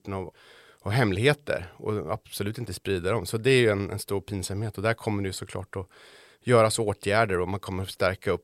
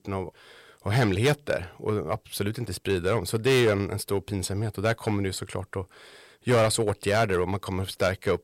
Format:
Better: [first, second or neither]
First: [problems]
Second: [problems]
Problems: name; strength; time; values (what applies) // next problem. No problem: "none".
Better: first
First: none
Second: distortion; slight; 4% of the sound clipped